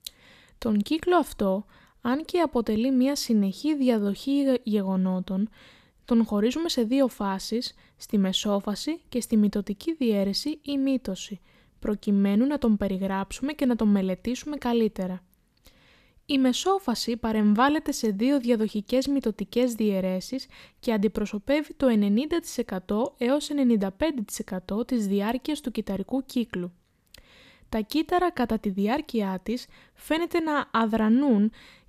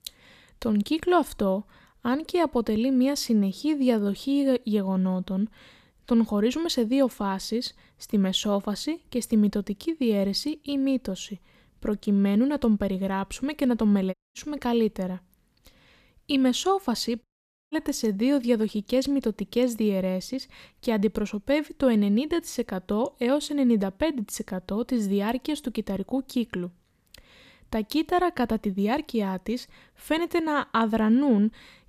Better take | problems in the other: first | audio cutting out; at 14 s and at 17 s

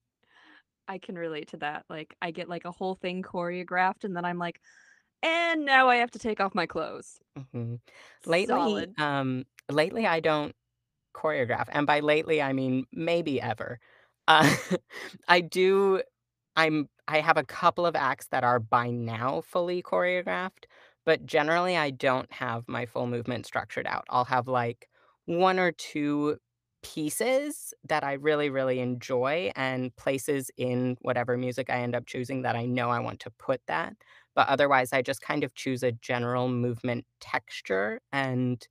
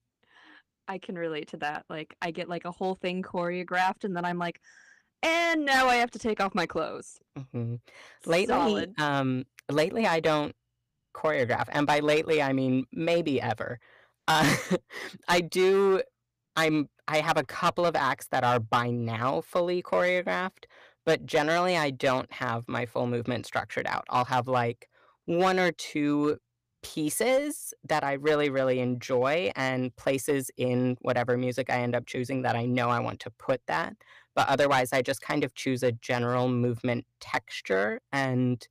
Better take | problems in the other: first | distortion; slight; 4% of the sound clipped

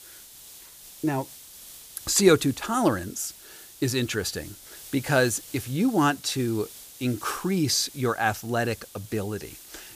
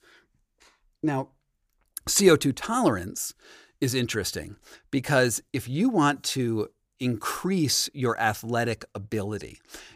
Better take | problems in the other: second | hiss; noticeable; throughout; 15 dB below the speech

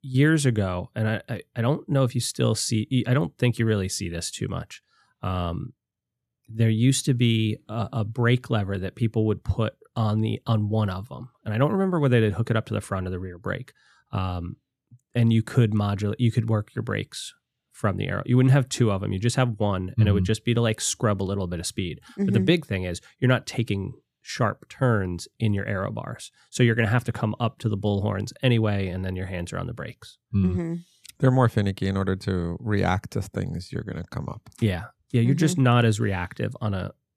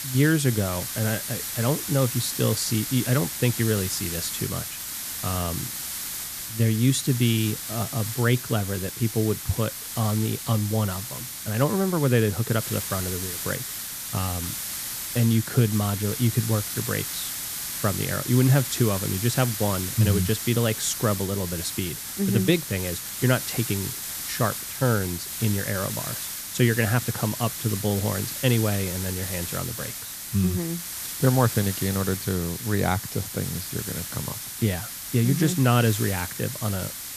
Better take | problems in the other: first | hiss; loud; throughout; 5 dB below the speech

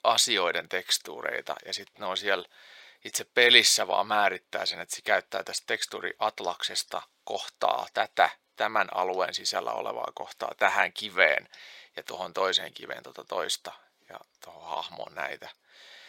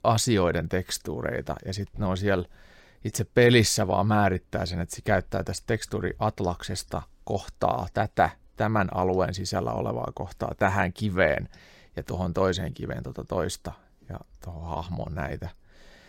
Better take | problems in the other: second | thin; very; fading below 700 Hz

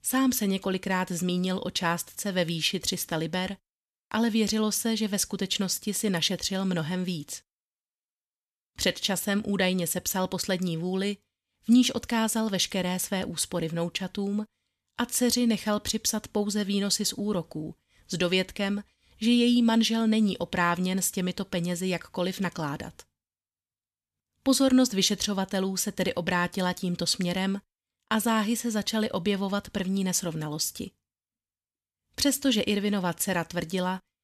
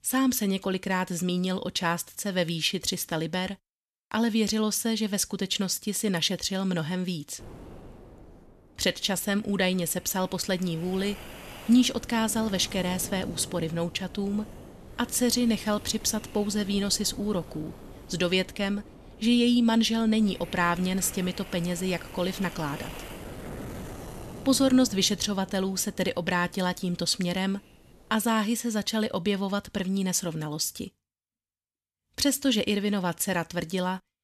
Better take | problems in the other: first | wind noise on the microphone; occasional gusts; from 7.5 to 28 s; 15 dB below the speech

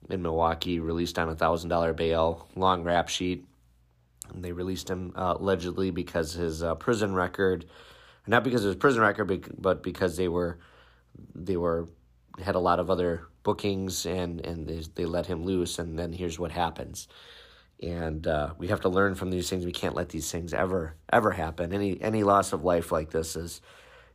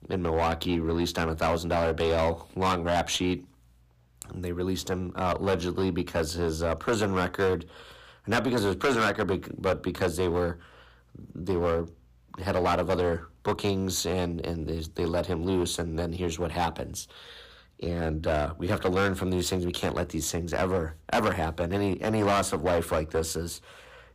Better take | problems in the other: first | distortion; heavy; 8% of the sound clipped

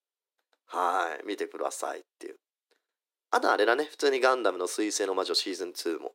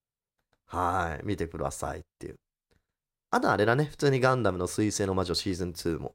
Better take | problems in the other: second | thin; somewhat; fading below 300 Hz

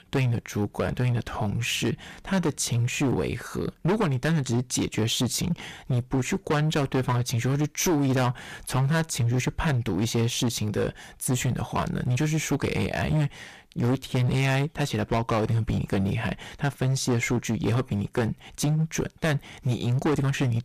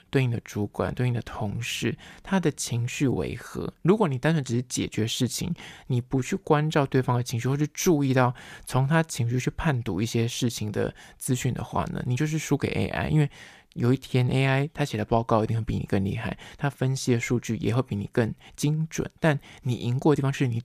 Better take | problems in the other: second | distortion; heavy; 13% of the sound clipped

